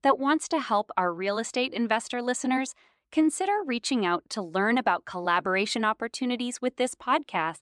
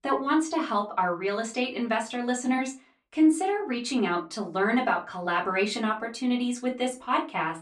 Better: first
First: none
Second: off-mic speech; far // room echo; very slight; dies away in 0.2 s

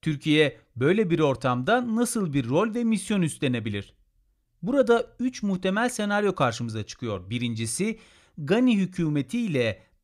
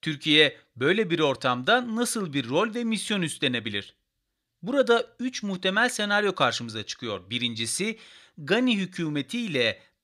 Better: first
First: none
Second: thin; very slightly; fading below 250 Hz

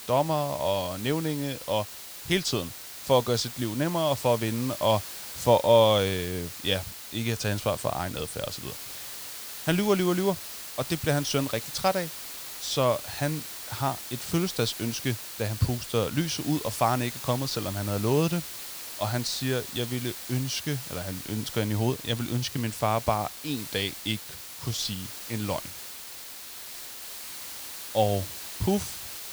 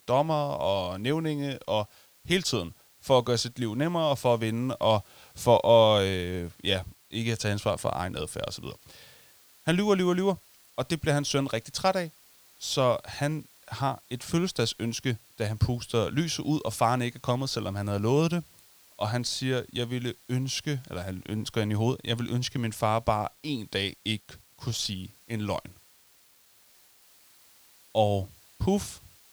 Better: second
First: hiss; loud; throughout; 9 dB below the speech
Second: hiss; faint; throughout; 25 dB below the speech

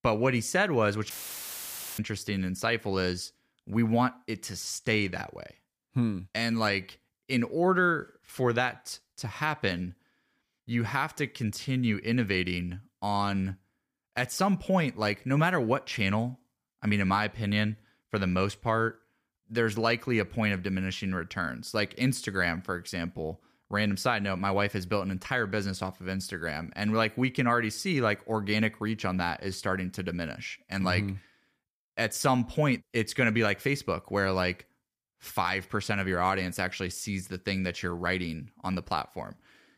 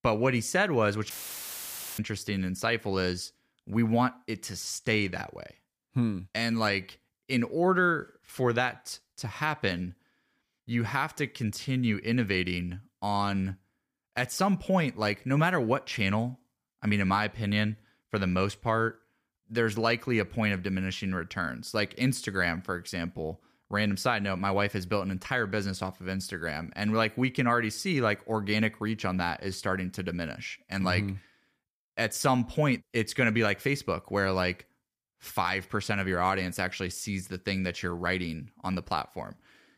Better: neither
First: audio cutting out; filled with static; at 1 s for 1 s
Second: audio cutting out; filled with static; at 1 s for 1 s

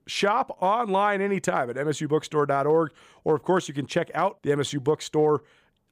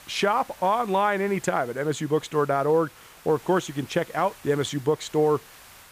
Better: first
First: none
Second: hiss; faint; throughout; 20 dB below the speech

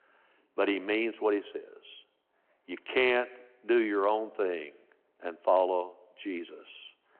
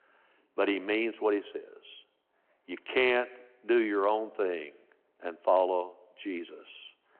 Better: neither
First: phone-call audio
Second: phone-call audio

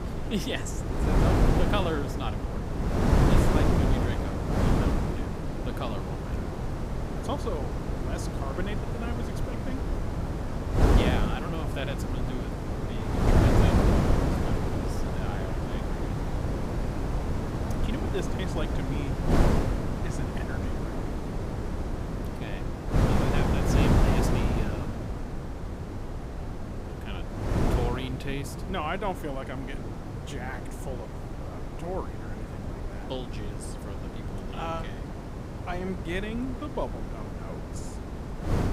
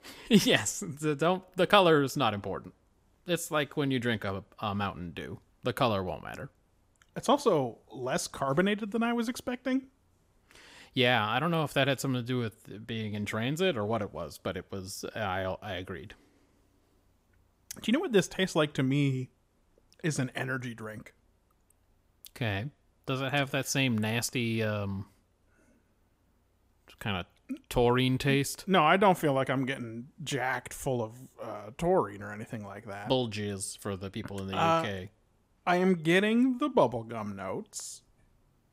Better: second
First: wind noise on the microphone; heavy; 3 dB above the speech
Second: none

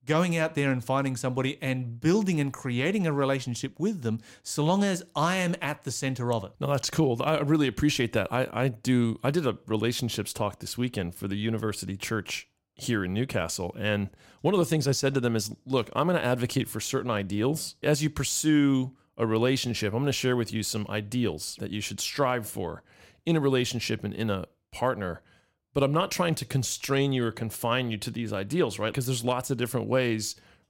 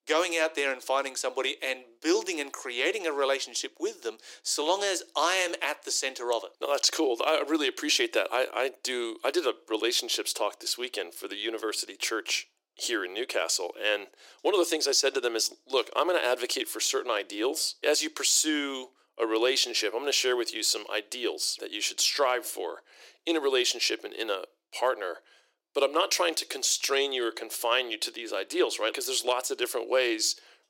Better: first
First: none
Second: thin; very; fading below 350 Hz

